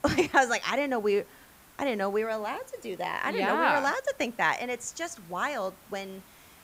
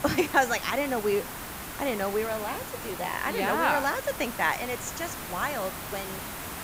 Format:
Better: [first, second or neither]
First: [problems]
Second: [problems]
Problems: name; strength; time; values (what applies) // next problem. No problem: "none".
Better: first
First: hiss; faint; throughout; 25 dB below the speech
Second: hiss; loud; throughout; 8 dB below the speech